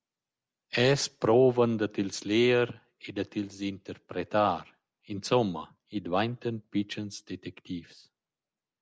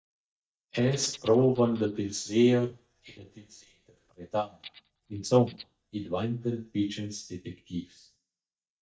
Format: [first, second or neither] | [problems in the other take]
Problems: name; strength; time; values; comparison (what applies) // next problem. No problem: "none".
first | noise reduction (neural mask model DeepFilterNet 3)